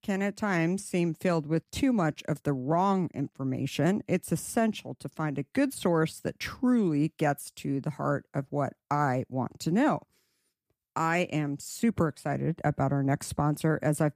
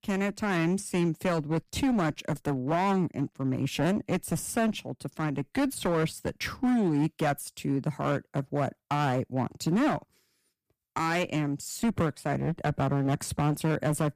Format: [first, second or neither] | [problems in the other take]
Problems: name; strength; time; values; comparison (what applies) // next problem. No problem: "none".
first | distortion; slight; 10% of the sound clipped